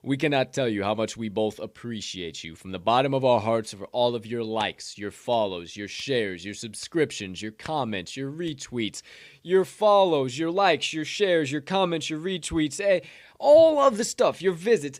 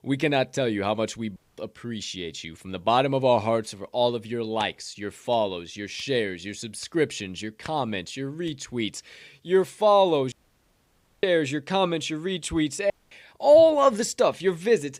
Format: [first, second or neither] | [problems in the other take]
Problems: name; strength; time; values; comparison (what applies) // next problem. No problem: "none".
first | audio cutting out; at 1.5 s, at 10 s for 1 s and at 13 s